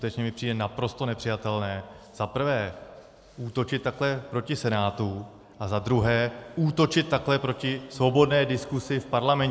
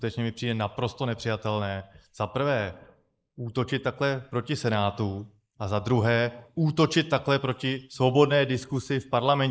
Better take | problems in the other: first | noise reduction (neural mask model Resemble Enhance denoiser)

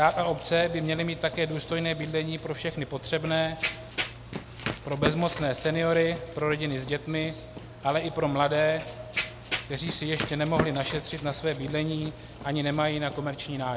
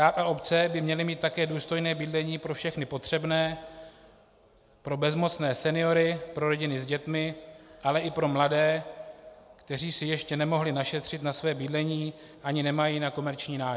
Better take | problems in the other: second | background sound (Run); 9 dB below the speech

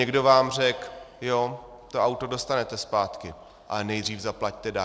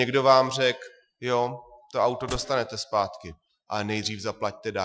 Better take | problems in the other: first | noise reduction (classical method Wiener filter)

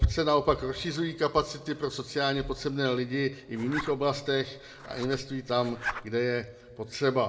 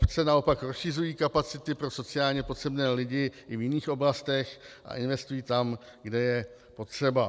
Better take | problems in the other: second | background sound (Zipper (clothing)); 11 dB below the speech // room echo; dies away in 1.4 s

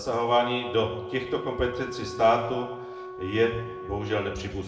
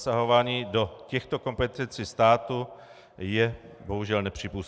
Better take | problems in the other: second | background sound (Wind instrument, woodwind instrument); 10 dB below the speech // room echo; dies away in 0.8 s

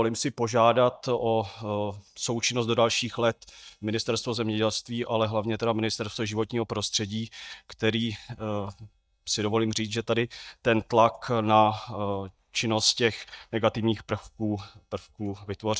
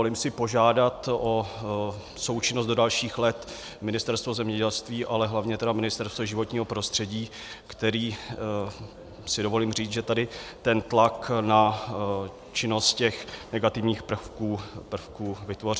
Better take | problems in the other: second | noise reduction (neural mask model DeepFilterNet 3)

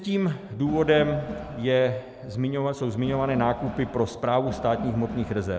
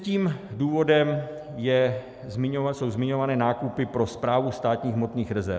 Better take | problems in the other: second | background sound (Crowd); 11 dB below the speech

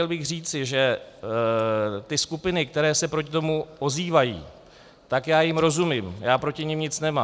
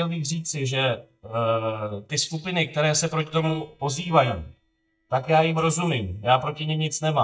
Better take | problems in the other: first | noise reduction (neural mask model DeepFilterNet 3)

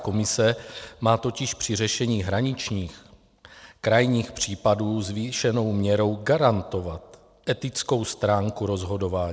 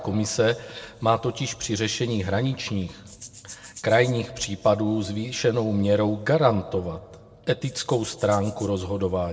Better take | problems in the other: first | background sound (Rattle (instrument)); 19 dB below the speech // room echo; dies away in 2.4 s

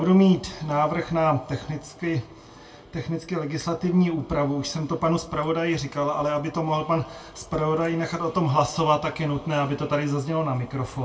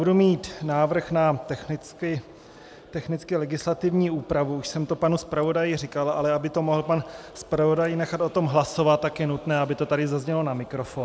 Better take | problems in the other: second | room echo; dies away in 0.2 s

